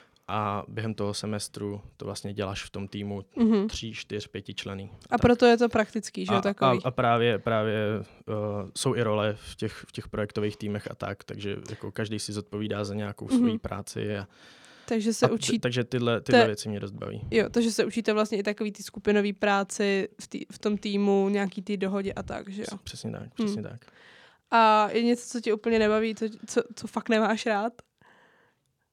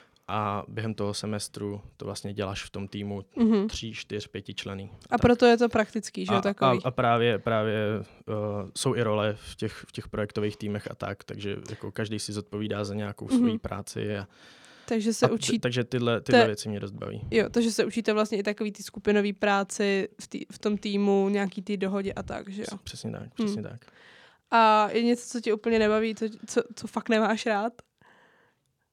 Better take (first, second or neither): neither